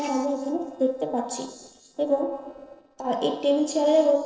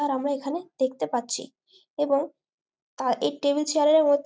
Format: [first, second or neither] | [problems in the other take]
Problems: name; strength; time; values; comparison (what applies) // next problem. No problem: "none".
second | noise reduction (neural separator model SepFormer DNS4)